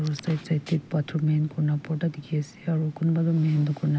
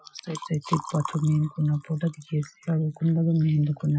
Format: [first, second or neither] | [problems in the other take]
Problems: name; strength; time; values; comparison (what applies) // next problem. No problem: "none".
first | noise reduction (classical method Wiener filter)